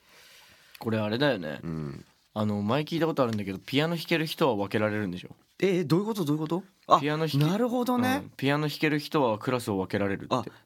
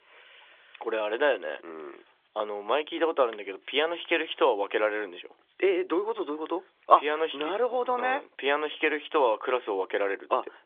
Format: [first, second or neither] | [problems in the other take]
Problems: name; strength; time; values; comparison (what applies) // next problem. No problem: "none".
first | phone-call audio; nothing above 3.5 kHz